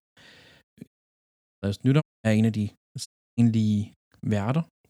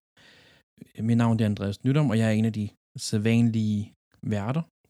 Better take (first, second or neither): second